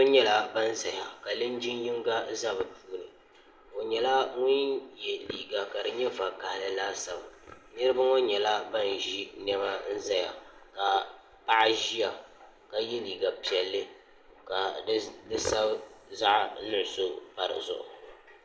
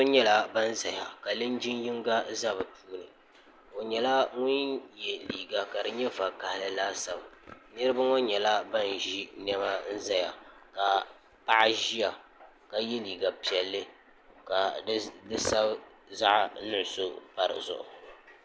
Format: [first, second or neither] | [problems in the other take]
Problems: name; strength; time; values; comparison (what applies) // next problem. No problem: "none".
second | room echo; dies away in 0.7 s